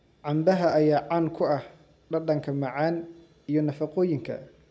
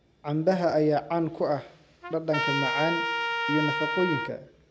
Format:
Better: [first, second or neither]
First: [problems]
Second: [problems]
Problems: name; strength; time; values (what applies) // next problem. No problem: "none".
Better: first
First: none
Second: background sound (Trumpet); 3 dB below the speech